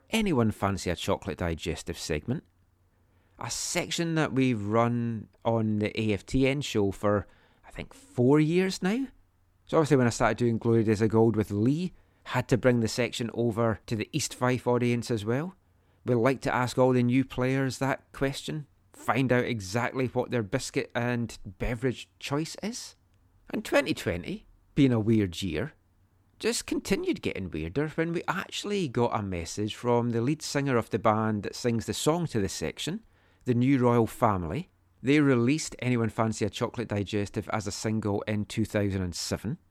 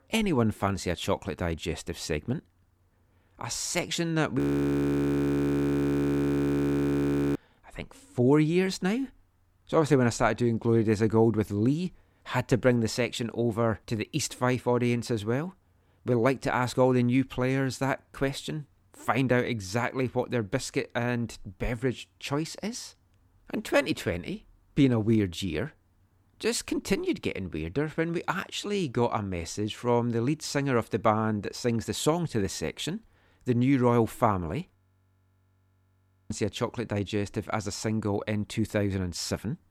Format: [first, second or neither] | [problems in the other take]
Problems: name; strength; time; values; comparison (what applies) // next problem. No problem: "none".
first | audio freezing; at 4.5 s for 3 s and at 35 s for 1.5 s